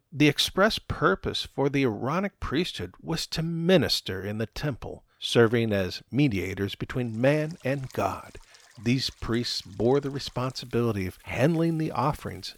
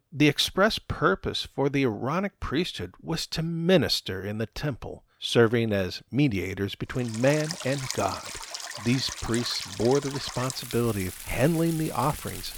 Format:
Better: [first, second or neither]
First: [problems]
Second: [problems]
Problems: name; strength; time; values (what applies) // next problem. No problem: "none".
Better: first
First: rain or running water; faint; from 7 s on; 30 dB below the speech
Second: rain or running water; loud; from 7 s on; 9 dB below the speech